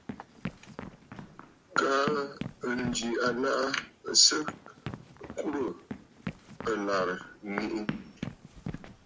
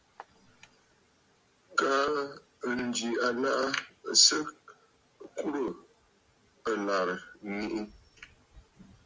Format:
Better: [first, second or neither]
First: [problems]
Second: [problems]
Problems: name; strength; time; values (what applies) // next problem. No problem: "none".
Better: second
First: background sound (Run); 10 dB below the speech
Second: none